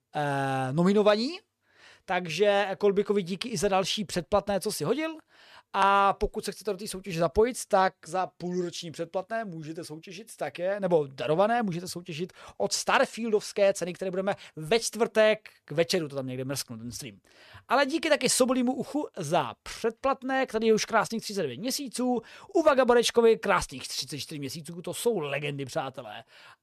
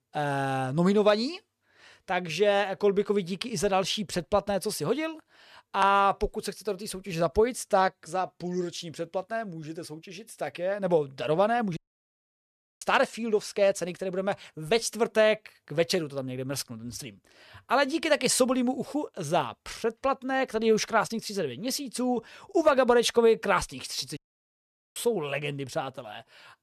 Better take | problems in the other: first | audio cutting out; at 12 s for 1 s and at 24 s for 1 s

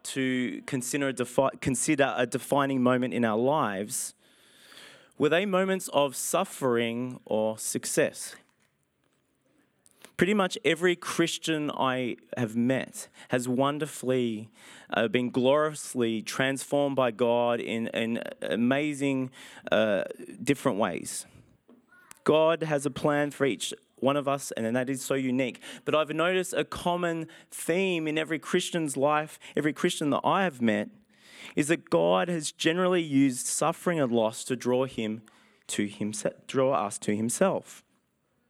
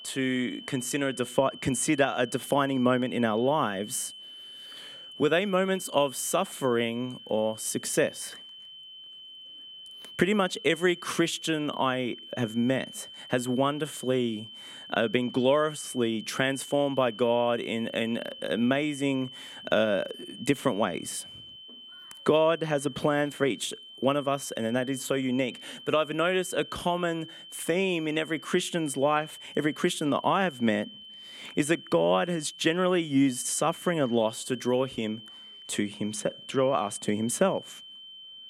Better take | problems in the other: first | high-pitched whine; noticeable; throughout; 3 kHz, 15 dB below the speech

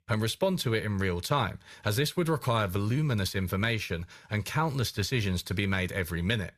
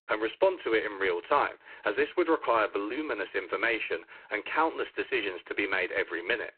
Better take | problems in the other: first | phone-call audio; poor line; nothing above 4 kHz

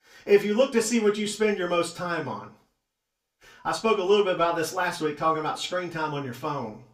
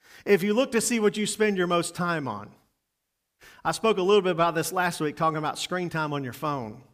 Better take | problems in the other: second | room echo; slight; dies away in 0.2 s // off-mic speech; far

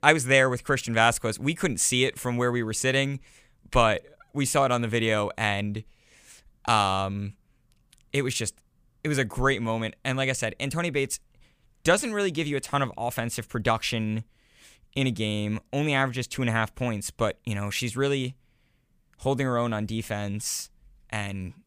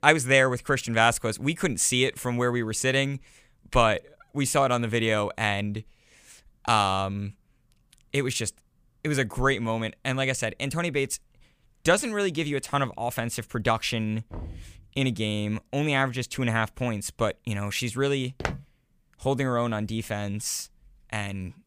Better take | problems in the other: first | door banging; faint; at 14 s; peak 15 dB below the speech // footsteps; noticeable; at 18 s; peak 7 dB below the speech

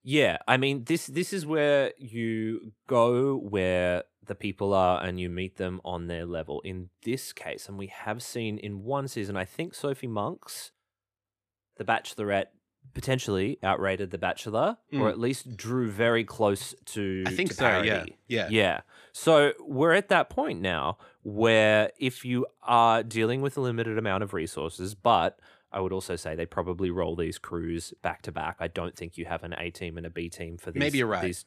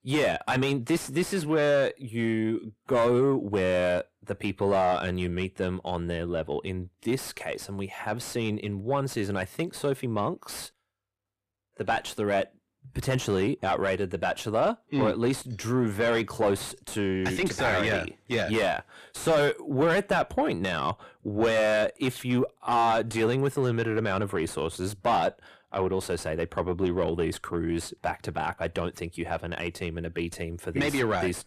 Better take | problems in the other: first | distortion; heavy; 7 dB below the speech

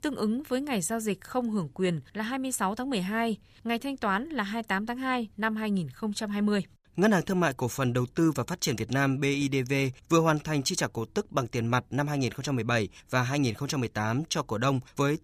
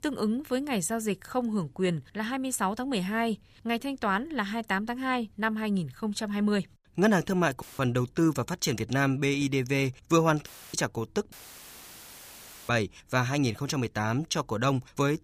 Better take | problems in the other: first | audio cutting out; filled with static; at 7.5 s, at 10 s and at 11 s for 1.5 s

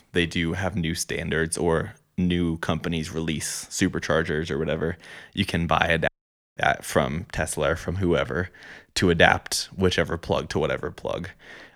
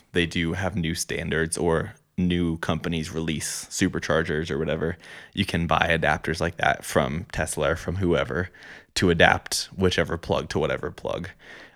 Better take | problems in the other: second | audio cutting out; at 6 s

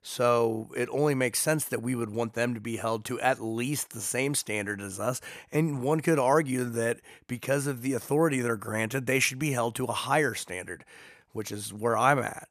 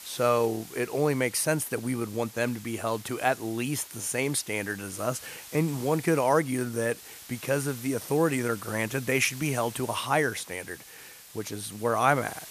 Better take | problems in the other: first | hiss; noticeable; throughout; 15 dB below the speech

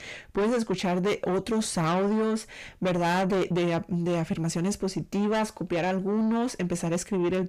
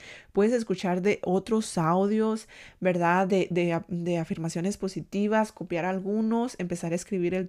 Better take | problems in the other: second | distortion; heavy; 7 dB below the speech

